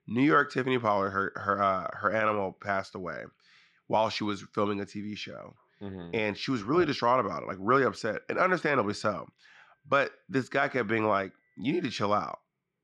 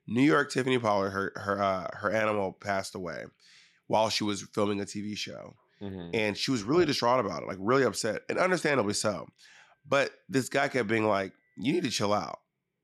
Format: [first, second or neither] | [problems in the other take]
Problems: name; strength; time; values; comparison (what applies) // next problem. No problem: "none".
second | muffled; slightly; fading above 4 kHz